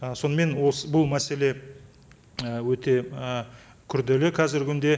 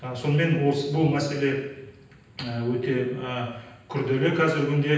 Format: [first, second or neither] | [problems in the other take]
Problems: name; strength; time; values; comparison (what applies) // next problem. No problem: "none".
first | room echo; dies away in 0.9 s